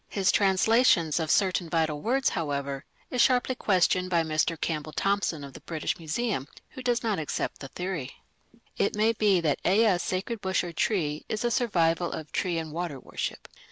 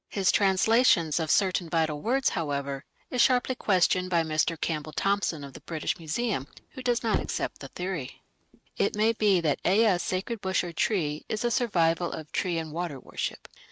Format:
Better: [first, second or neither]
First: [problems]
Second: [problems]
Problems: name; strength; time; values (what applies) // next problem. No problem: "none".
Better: first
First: none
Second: noise reduction (neural mask model RNNoise)